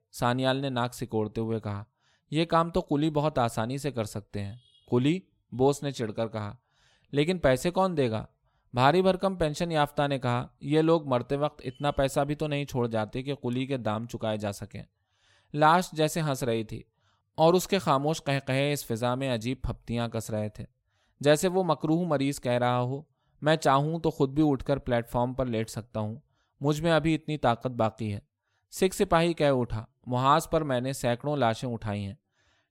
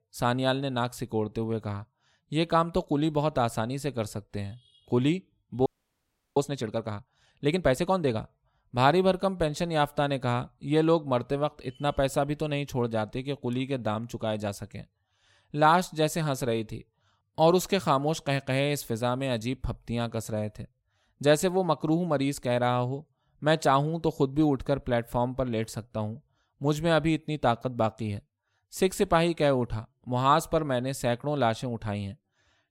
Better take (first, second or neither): first